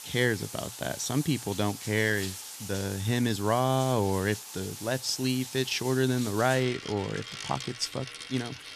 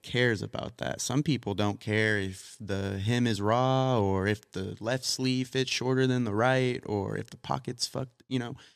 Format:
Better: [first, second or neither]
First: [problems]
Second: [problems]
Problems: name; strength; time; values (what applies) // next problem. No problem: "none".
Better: second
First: household noises; noticeable; throughout; 10 dB below the speech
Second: none